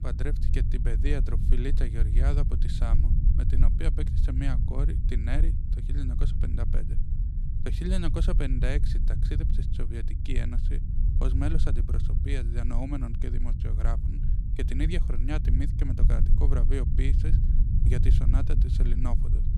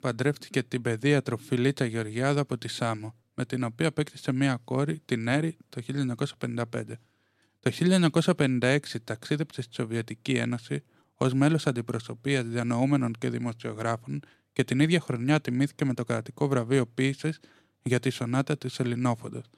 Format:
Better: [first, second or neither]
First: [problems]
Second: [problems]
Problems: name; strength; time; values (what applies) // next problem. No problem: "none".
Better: second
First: low rumble; loud; throughout; 5 dB below the speech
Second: none